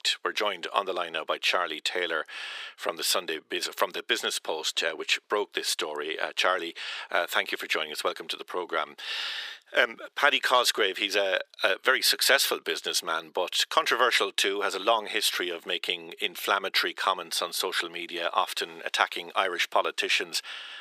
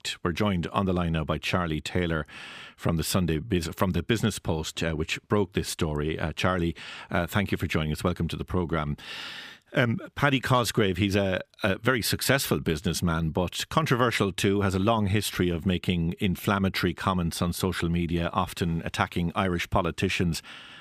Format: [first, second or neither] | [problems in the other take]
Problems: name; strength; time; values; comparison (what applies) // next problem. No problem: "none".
second | thin; very; fading below 450 Hz